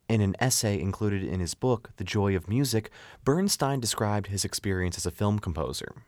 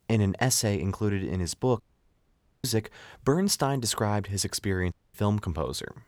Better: first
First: none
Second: audio cutting out; at 2 s for 1 s and at 5 s

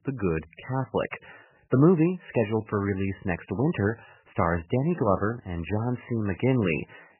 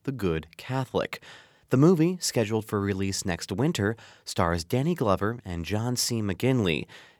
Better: second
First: garbled, watery; badly; nothing above 3 kHz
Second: none

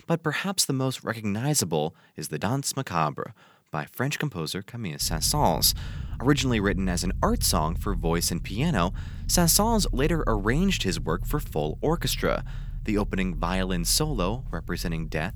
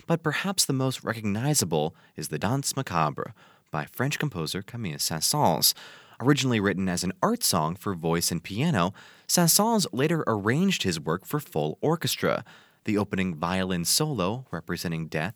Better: second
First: low rumble; faint; from 5 s on; 25 dB below the speech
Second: none

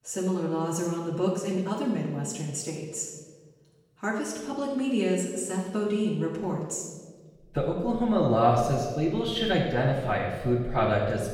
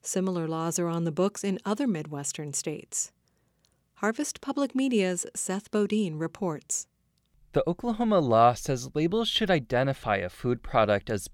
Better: second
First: off-mic speech; far // room echo; noticeable; dies away in 1.3 s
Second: none

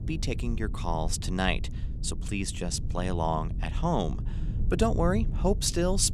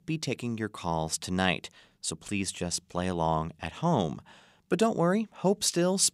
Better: second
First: low rumble; noticeable; throughout; 15 dB below the speech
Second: none

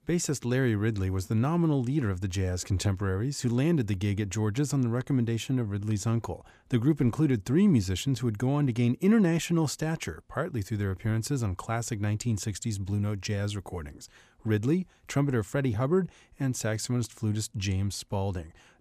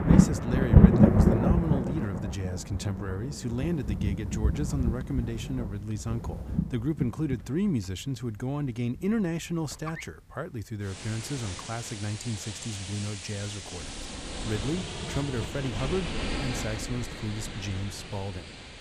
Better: first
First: none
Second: rain or running water; very loud; throughout; 4 dB above the speech

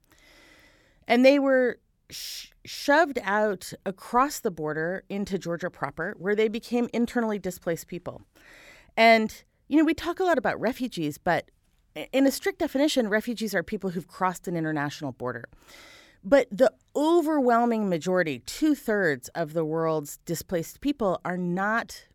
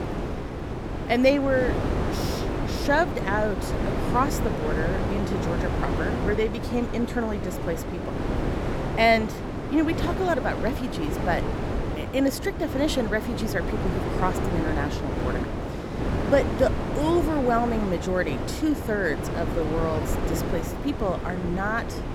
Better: first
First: none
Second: wind noise on the microphone; heavy; 5 dB below the speech

